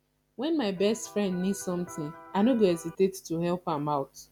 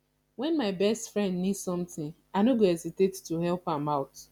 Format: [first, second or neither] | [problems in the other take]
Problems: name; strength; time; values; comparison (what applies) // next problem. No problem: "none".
second | background sound (Electric guitar); 19 dB below the speech